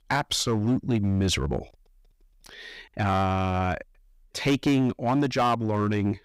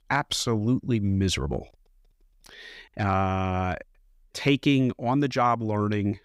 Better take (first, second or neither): second